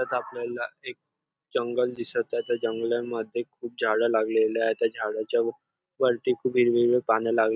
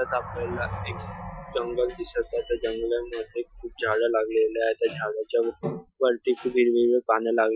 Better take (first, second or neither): first